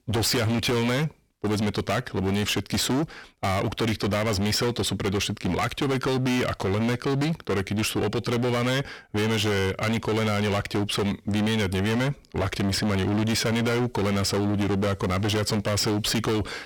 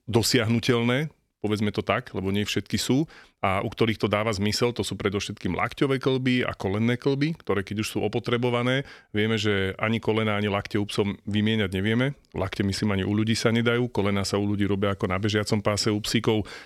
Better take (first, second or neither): second